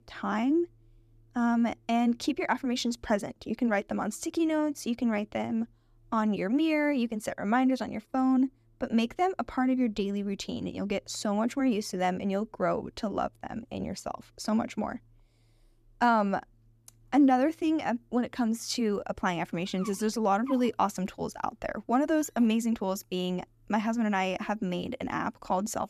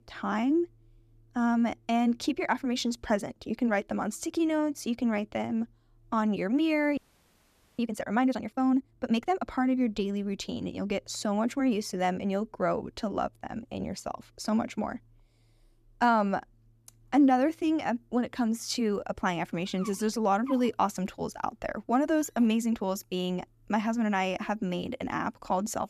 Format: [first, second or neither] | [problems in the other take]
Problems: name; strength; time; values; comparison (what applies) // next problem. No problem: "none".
first | audio freezing; at 7 s for 1 s